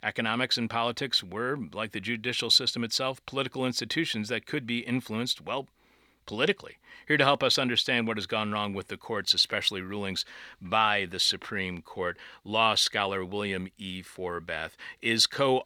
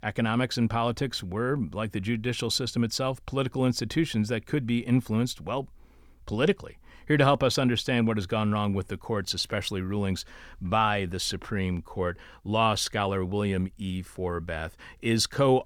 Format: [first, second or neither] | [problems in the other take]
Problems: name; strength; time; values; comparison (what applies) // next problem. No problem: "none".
second | thin; very slightly; fading below 350 Hz